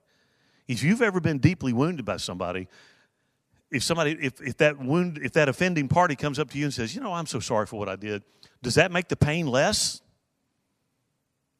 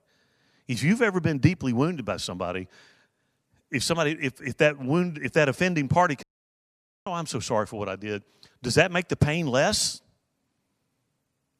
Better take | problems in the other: first | audio cutting out; at 6 s for 1 s

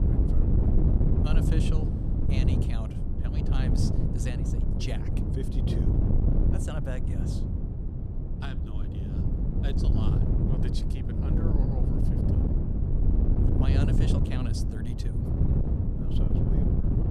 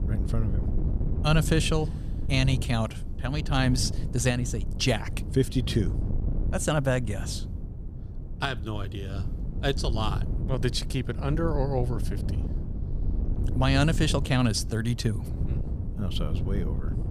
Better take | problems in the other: second | wind noise on the microphone; heavy; 4 dB above the speech; occasional gusts in the second

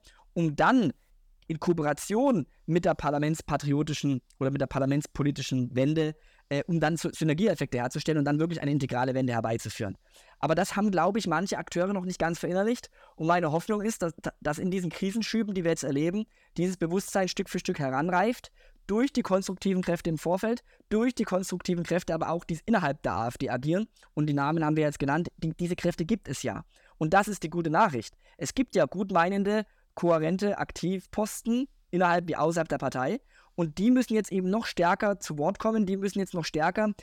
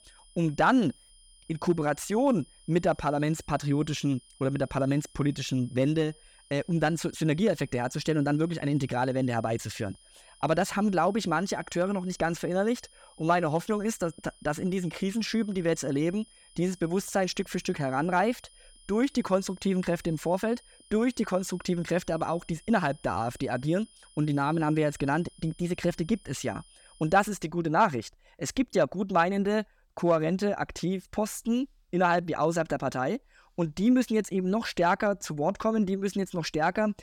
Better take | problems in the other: first | high-pitched whine; faint; until 27 s; 3 kHz, 25 dB below the speech

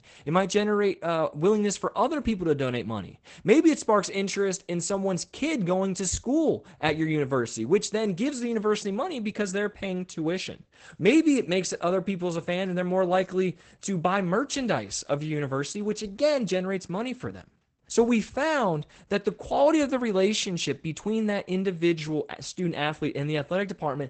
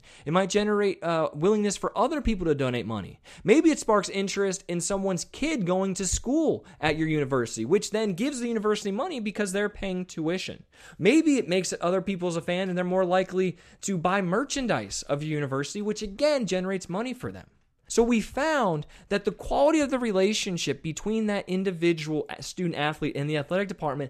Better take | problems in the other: second | garbled, watery; badly; nothing above 8 kHz

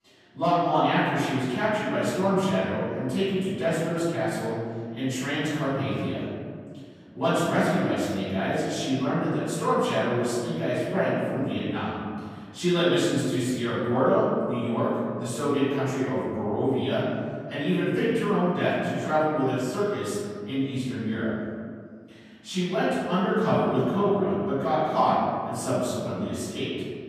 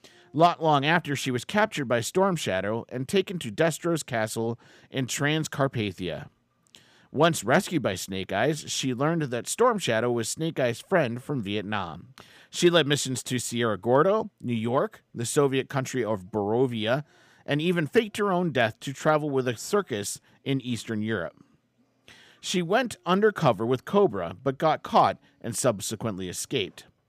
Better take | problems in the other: second | off-mic speech; far // room echo; strong; dies away in 2 s

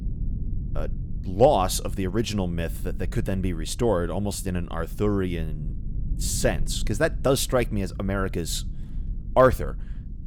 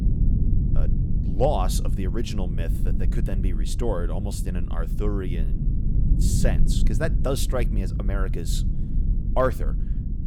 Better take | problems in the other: first | low rumble; loud; throughout; 10 dB below the speech; faint in the first

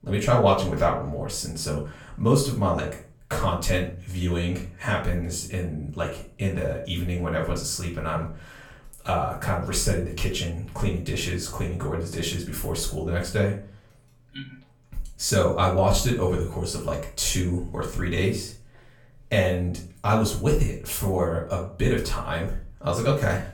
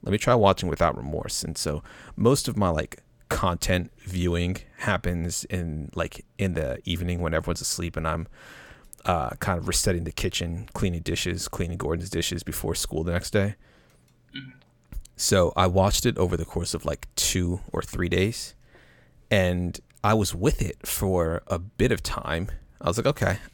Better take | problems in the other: second | off-mic speech; far // room echo; slight; dies away in 0.3 s

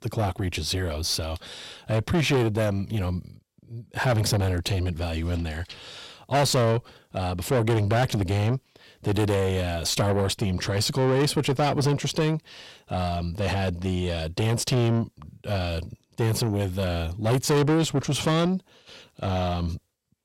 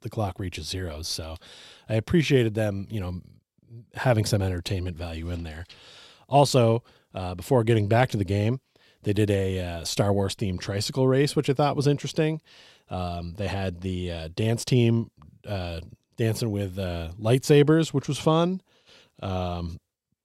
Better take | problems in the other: second | distortion; heavy; 6 dB below the speech

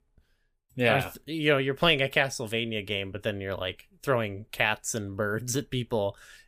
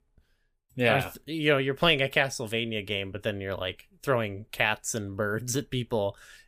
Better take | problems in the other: neither | none

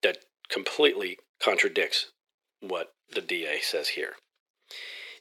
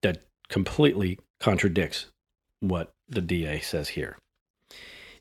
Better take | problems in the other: second | thin; very; fading below 400 Hz

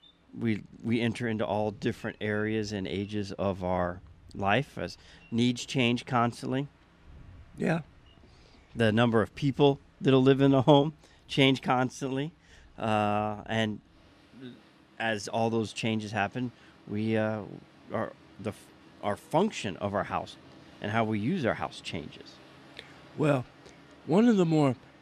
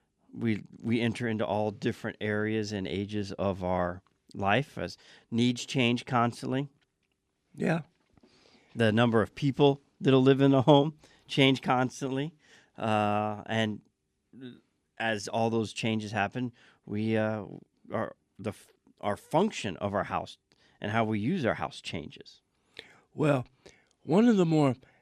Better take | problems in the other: second | train or aircraft noise; faint; throughout; 25 dB below the speech

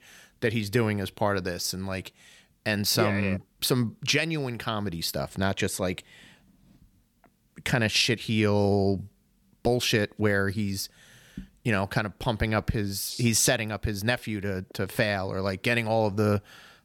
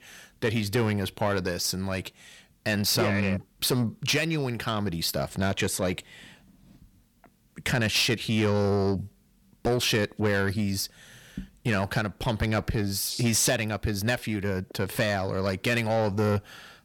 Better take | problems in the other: first | distortion; slight; 10 dB below the speech

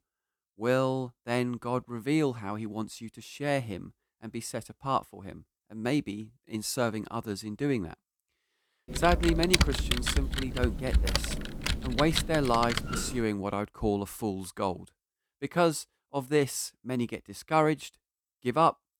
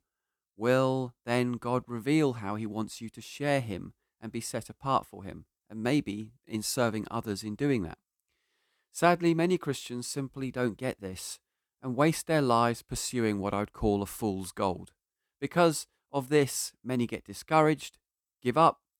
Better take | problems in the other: second | keyboard typing; loud; from 9 to 13 s; peak 6 dB above the speech

